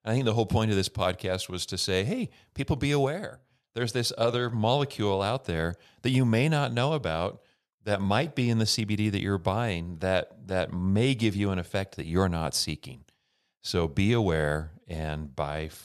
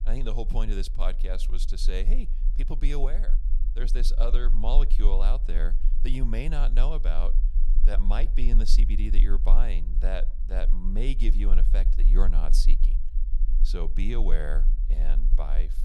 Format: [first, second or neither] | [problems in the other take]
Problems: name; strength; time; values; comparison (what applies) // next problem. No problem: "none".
first | low rumble; noticeable; throughout; 15 dB below the speech